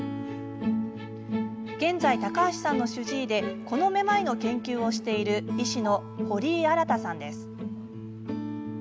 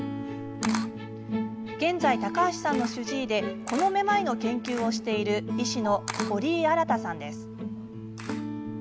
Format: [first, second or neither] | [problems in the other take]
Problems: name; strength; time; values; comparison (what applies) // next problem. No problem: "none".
first | background sound (Camera); 16 dB below the speech